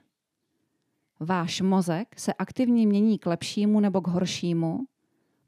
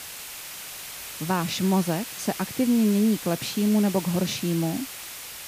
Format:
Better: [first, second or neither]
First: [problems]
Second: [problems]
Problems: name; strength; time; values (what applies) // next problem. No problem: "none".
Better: first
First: none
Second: hiss; loud; throughout; 10 dB below the speech